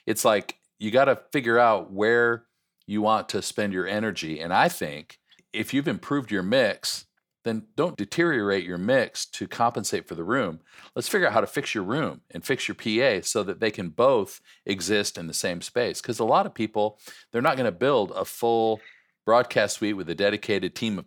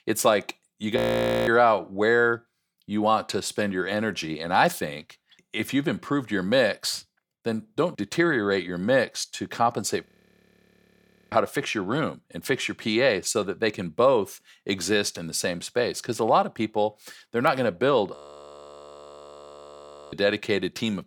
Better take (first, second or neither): first